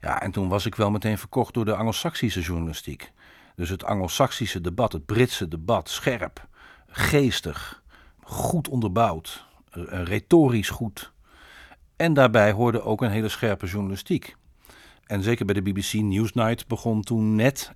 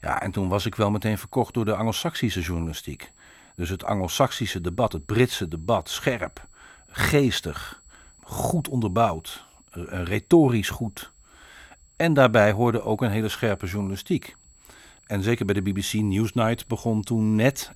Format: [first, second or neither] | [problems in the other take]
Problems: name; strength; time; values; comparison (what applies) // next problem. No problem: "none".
first | high-pitched whine; faint; throughout; 7.5 kHz, 30 dB below the speech